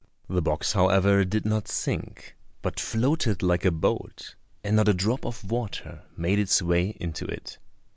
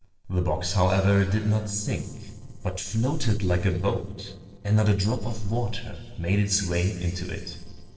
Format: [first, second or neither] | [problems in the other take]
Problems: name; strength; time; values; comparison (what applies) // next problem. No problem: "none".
first | noise reduction (neural separator model SepFormer DNS4)